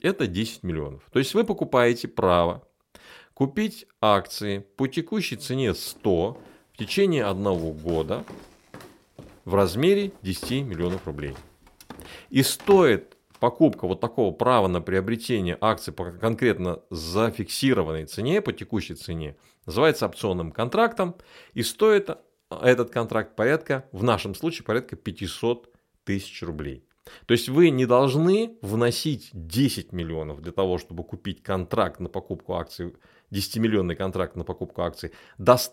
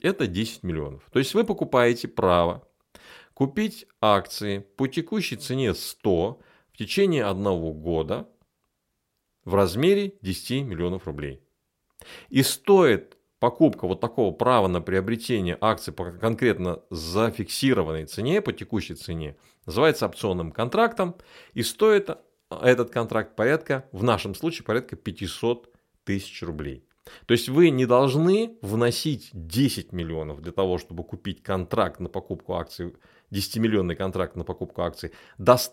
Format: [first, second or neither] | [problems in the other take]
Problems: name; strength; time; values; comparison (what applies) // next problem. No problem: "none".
second | footsteps; faint; from 6 to 13 s; peak 15 dB below the speech